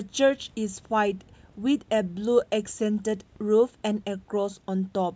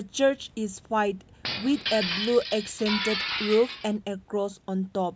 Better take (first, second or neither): first